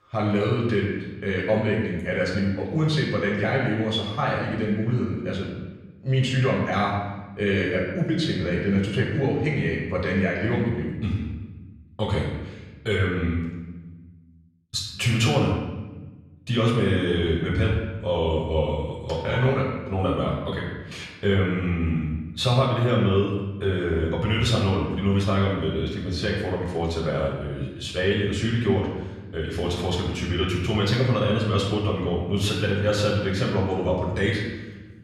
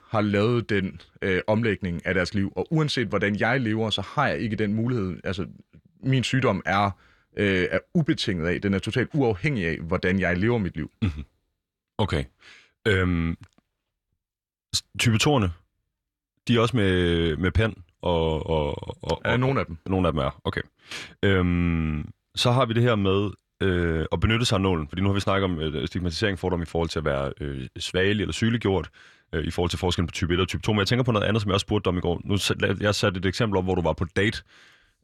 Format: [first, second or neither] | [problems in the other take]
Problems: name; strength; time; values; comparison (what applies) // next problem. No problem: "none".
second | off-mic speech; far // room echo; noticeable; dies away in 1 s